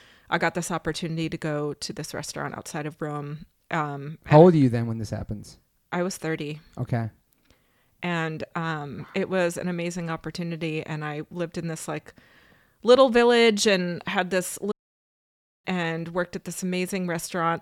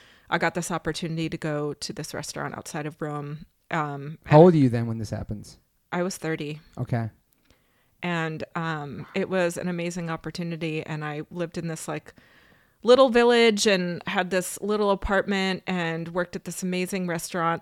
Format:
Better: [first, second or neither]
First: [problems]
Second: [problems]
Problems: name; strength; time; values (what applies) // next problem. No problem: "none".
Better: second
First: audio cutting out; at 15 s for 1 s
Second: none